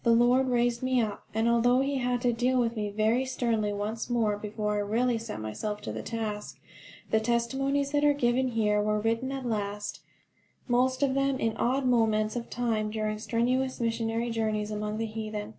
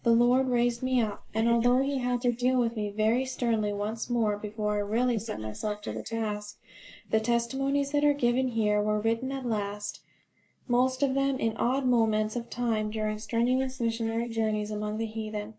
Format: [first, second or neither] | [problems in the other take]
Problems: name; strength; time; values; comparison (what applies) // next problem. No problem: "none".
first | noise reduction (neural mask model Resemble Enhance denoiser)